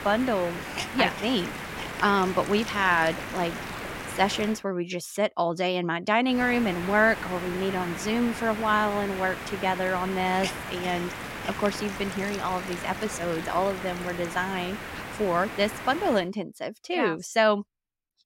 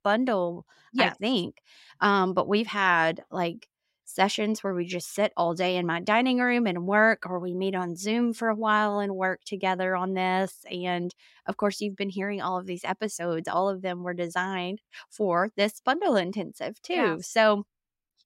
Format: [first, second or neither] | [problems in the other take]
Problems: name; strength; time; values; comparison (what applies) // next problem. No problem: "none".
second | hiss; loud; until 4.5 s and from 6.5 to 16 s; 8 dB below the speech